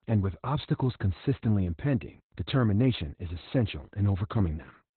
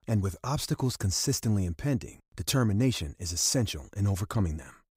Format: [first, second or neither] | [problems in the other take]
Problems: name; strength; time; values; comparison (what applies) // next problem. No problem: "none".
second | garbled, watery; badly; nothing above 4 kHz